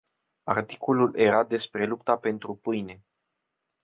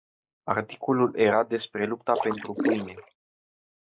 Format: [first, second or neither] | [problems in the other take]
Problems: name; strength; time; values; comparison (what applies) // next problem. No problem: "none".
first | noise reduction (neural mask model Resemble Enhance denoiser)